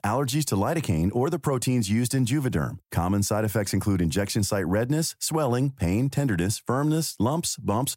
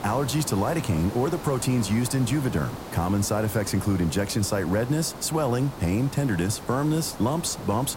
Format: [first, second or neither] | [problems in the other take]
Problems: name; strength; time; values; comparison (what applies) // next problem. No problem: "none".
first | hiss; noticeable; throughout; 10 dB below the speech